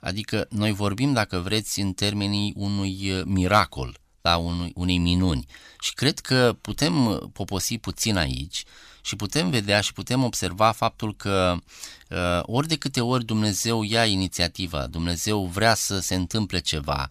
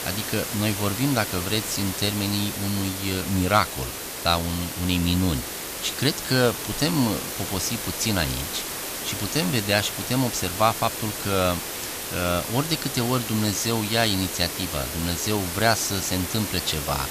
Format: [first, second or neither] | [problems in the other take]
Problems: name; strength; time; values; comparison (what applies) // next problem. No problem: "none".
first | hiss; loud; throughout; 5 dB below the speech